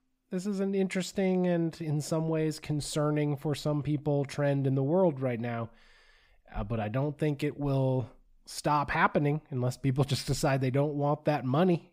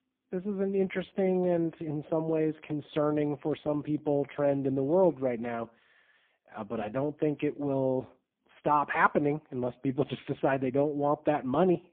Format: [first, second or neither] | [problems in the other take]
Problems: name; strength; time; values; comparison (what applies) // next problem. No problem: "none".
first | phone-call audio; poor line